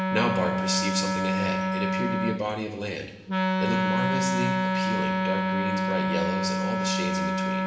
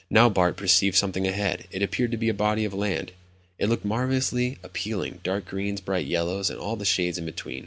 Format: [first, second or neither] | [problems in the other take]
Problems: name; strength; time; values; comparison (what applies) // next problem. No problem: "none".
second | background sound (Wind instrument, woodwind instrument); 5 dB above the speech // room echo; dies away in 1 s